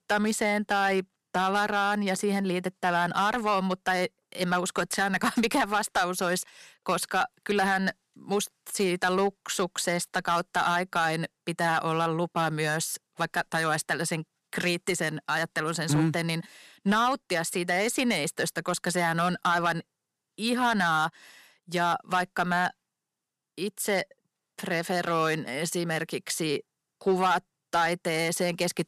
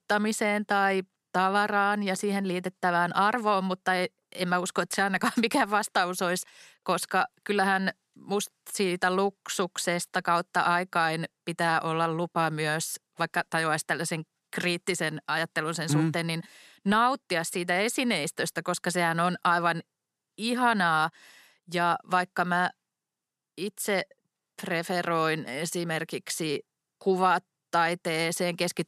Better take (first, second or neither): second